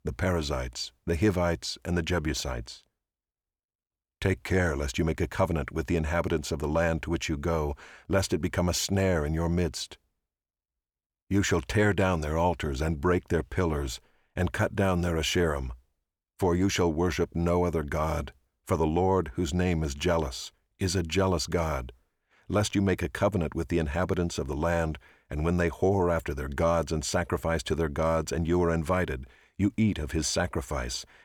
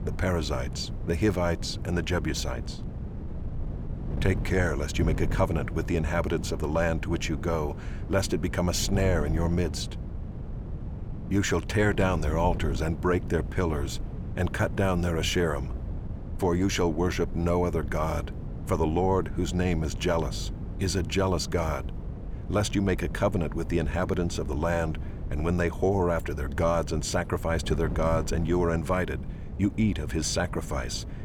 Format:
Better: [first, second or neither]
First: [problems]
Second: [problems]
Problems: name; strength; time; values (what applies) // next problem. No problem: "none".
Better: first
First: none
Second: wind noise on the microphone; occasional gusts; 15 dB below the speech